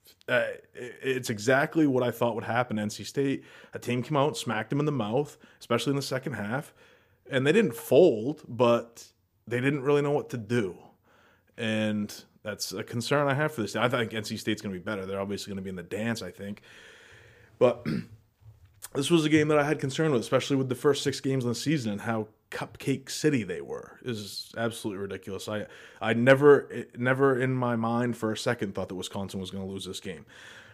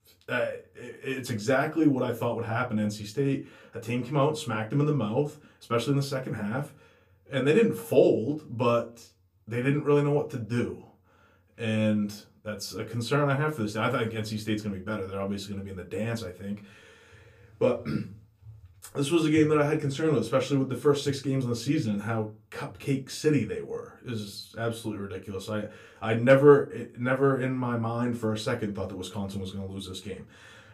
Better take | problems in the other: first | off-mic speech; somewhat distant // room echo; very slight; dies away in 0.2 s

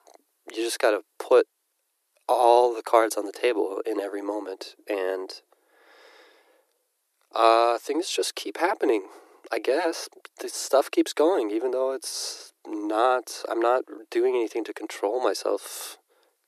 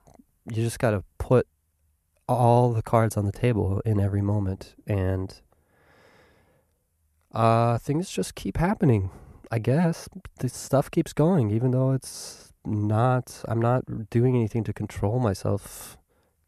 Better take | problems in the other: second | thin; very; fading below 300 Hz

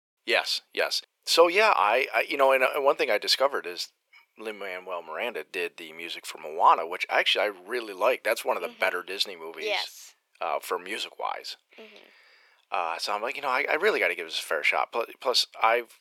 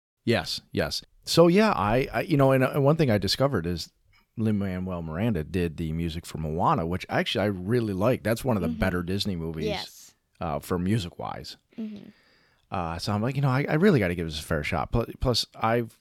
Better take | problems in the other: second | thin; very; fading below 450 Hz

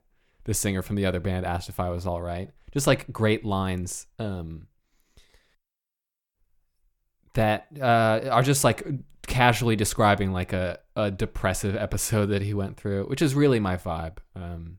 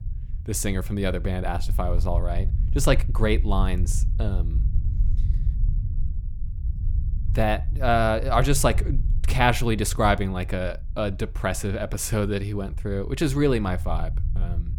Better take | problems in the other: first | low rumble; faint; throughout; 20 dB below the speech

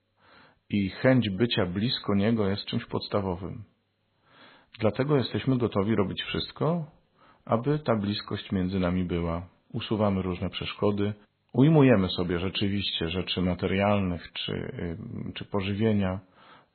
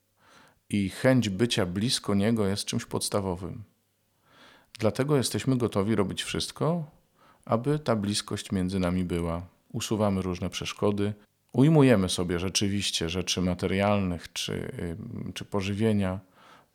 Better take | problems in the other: second | garbled, watery; badly; nothing above 4 kHz

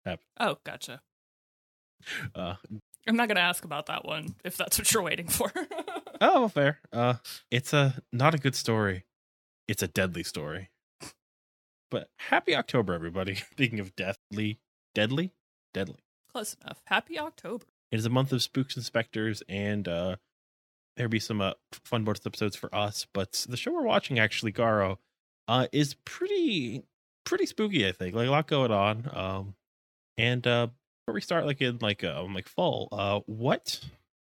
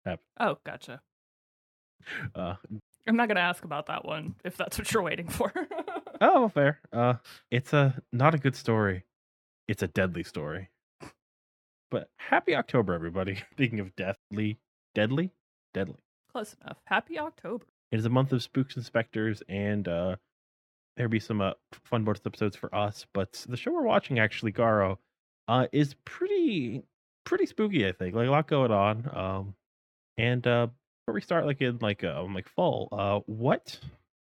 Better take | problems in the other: first | muffled; slightly; fading above 3 kHz

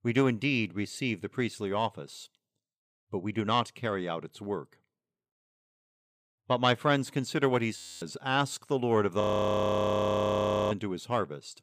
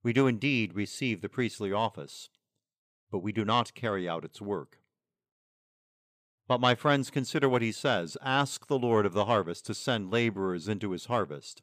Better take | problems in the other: second | audio freezing; at 8 s and at 9 s for 1.5 s

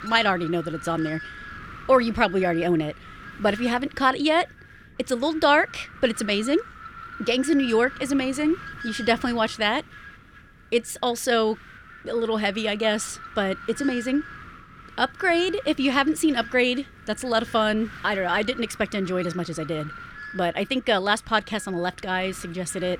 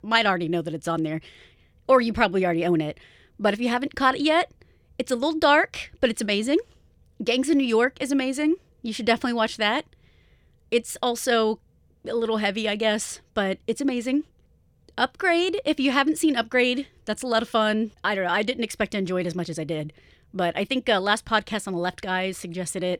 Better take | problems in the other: second | wind noise on the microphone; occasional gusts; 15 dB below the speech

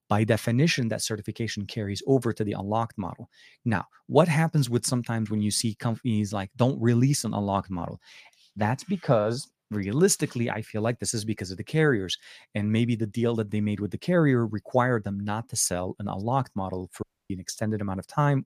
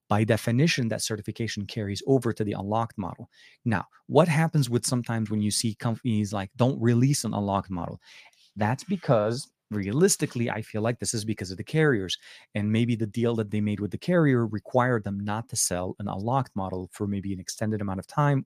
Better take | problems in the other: second | audio cutting out; at 17 s

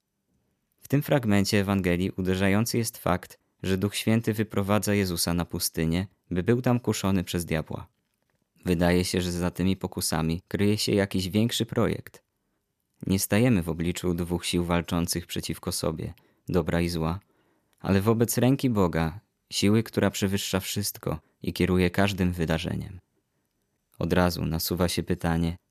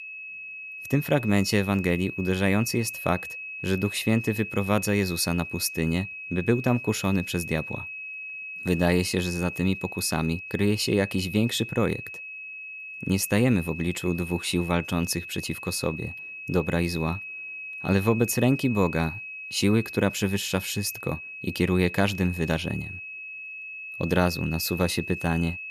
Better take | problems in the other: first | high-pitched whine; loud; throughout; 2.5 kHz, 9 dB below the speech

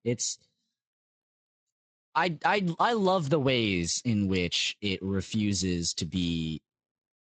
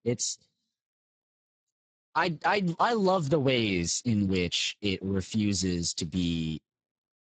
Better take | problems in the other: first | garbled, watery; badly; nothing above 7.5 kHz; slightly in the first

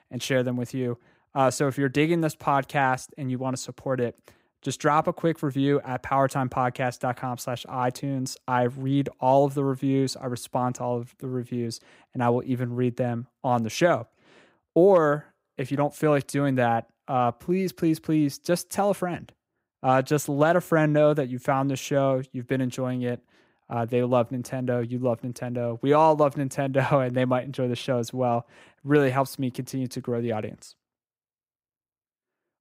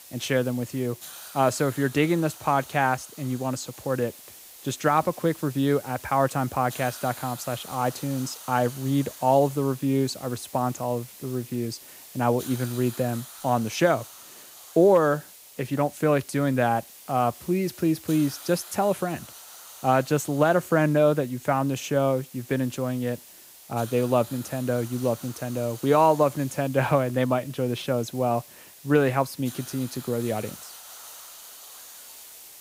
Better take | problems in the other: first | hiss; noticeable; throughout; 15 dB below the speech

